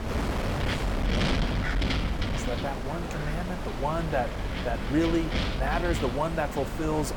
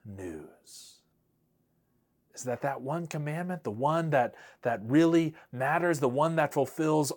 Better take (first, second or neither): second